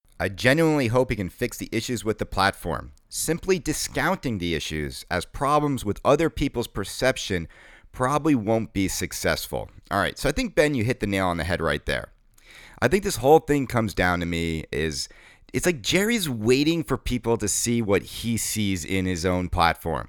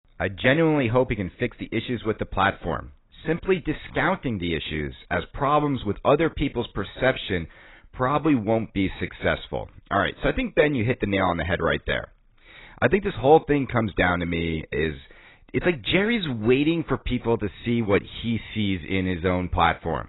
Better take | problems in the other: first | garbled, watery; badly; nothing above 4 kHz

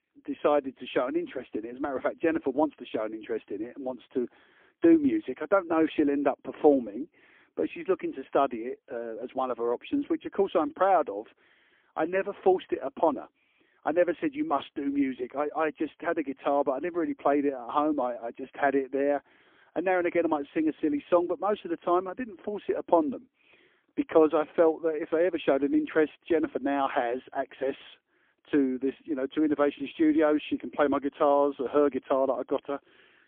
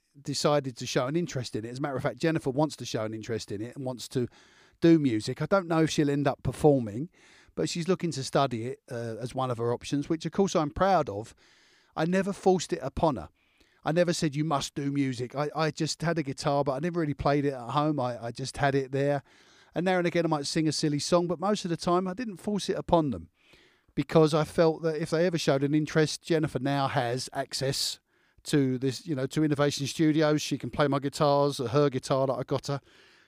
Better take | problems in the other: second | phone-call audio; poor line; nothing above 3.5 kHz

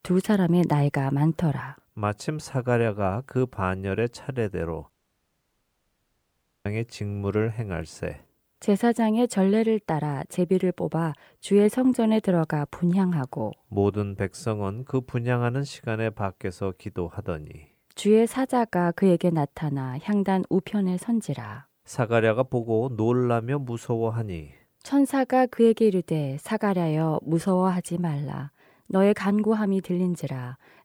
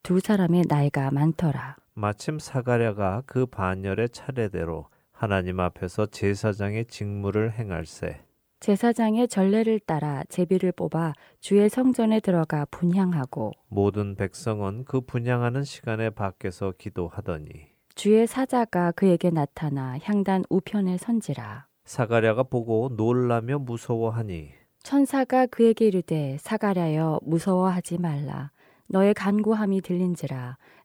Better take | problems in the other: second | audio cutting out; at 5 s for 2 s

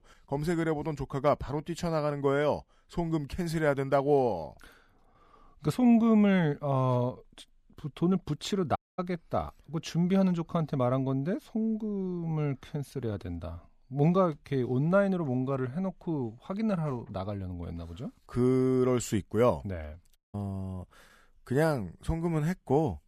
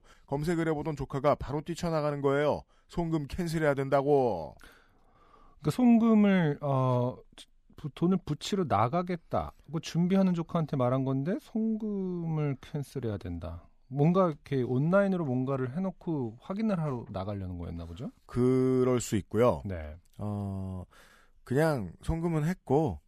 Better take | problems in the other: second | audio cutting out; at 9 s and at 20 s

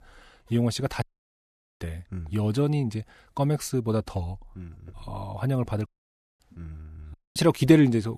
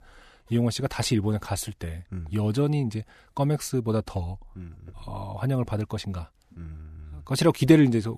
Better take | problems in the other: second | audio cutting out; at 1 s for 1 s, at 6 s for 0.5 s and at 7 s

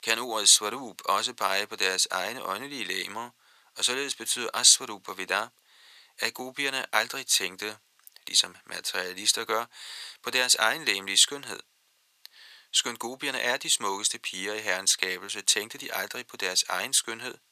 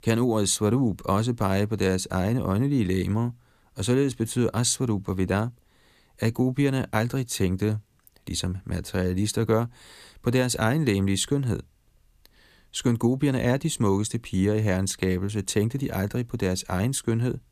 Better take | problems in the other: second | thin; very; fading below 900 Hz

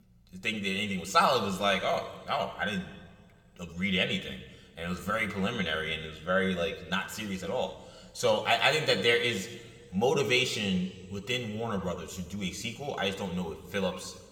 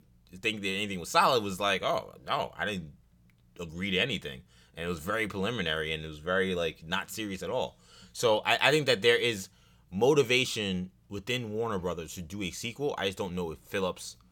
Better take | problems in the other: second | room echo; slight; dies away in 1.6 s

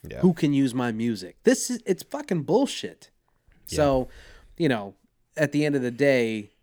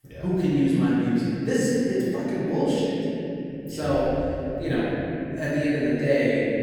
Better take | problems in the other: first | room echo; strong; dies away in 3 s // off-mic speech; far

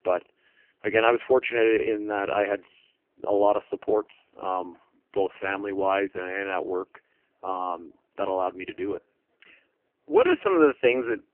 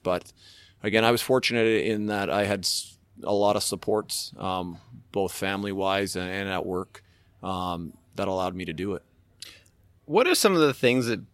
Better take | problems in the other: second | phone-call audio; poor line; nothing above 3 kHz

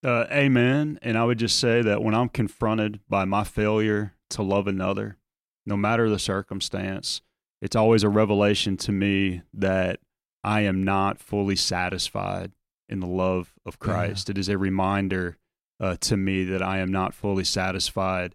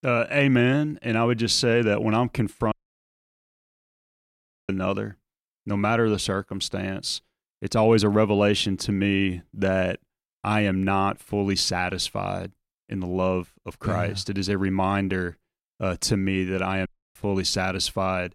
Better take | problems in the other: first | audio cutting out; at 2.5 s for 2 s and at 17 s

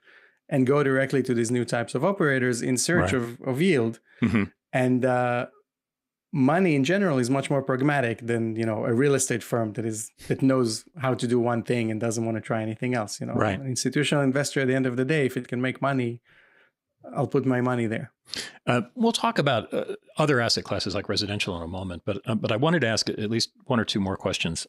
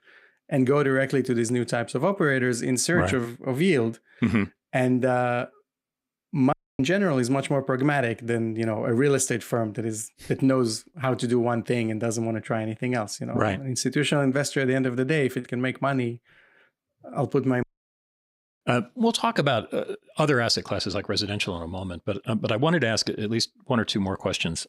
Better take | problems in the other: first | audio cutting out; at 6.5 s and at 18 s for 1 s

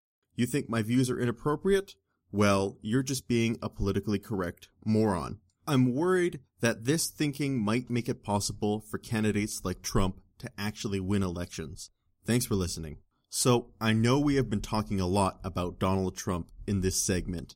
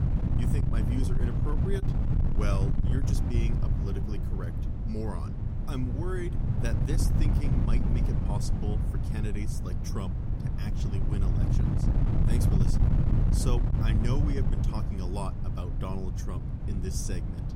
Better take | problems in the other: first | wind noise on the microphone; heavy; as loud as the speech

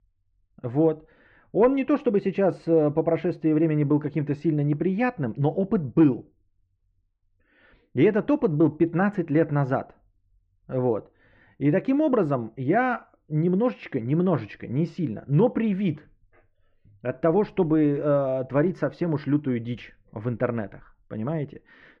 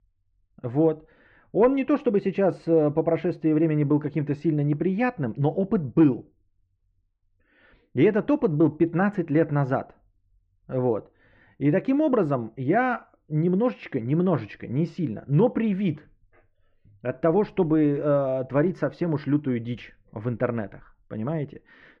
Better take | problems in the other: neither | muffled; very; fading above 2 kHz; the same in both

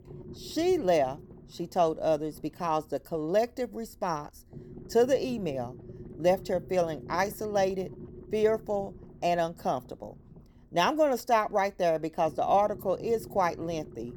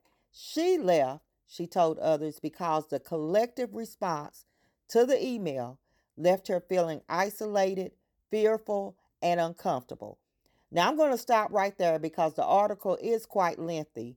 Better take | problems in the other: second | low rumble; faint; throughout; 25 dB below the speech

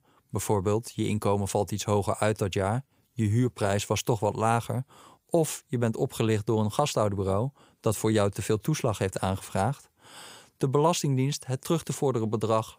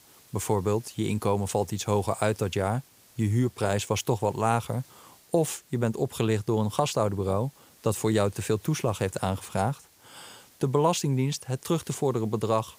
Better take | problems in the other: first | hiss; faint; throughout; 25 dB below the speech

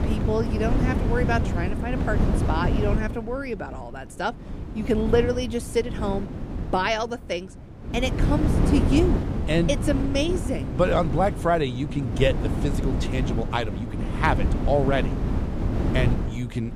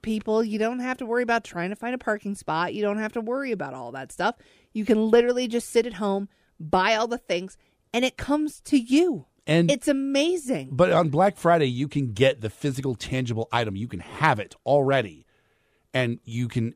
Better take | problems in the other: second | wind noise on the microphone; heavy; 7 dB below the speech

